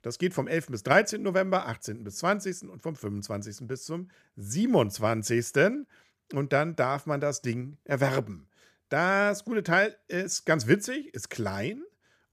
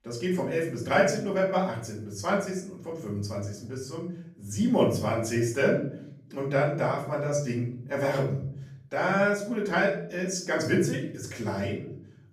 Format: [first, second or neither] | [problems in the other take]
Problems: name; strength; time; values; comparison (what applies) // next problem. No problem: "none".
first | off-mic speech; far // room echo; slight; dies away in 0.7 s